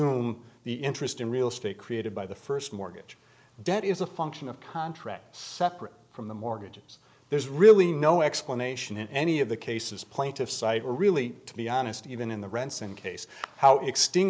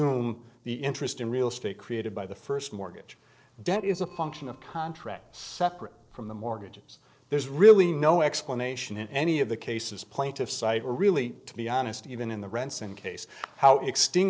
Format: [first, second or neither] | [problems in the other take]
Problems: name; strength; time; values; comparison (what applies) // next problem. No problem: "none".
first | noise reduction (neural separator model SepFormer DNS4)